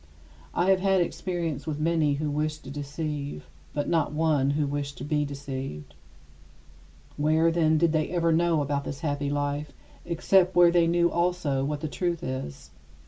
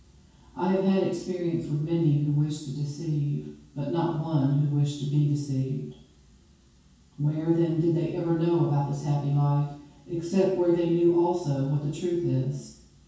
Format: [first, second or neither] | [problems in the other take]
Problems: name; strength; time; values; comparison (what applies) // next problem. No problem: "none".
first | room echo; dies away in 0.6 s